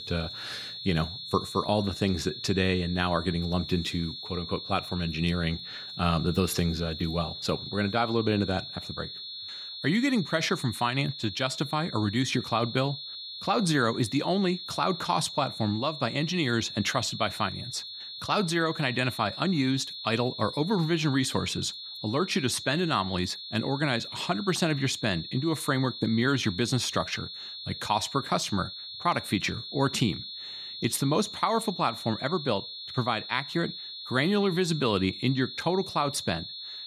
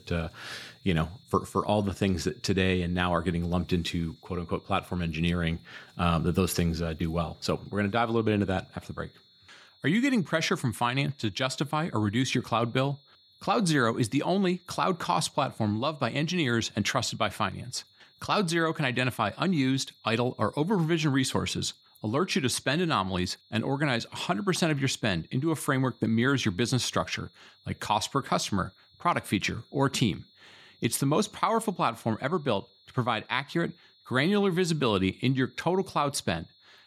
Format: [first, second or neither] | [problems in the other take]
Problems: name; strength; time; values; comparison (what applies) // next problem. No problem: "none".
second | high-pitched whine; loud; throughout; 4.5 kHz, 9 dB below the speech; faint in the second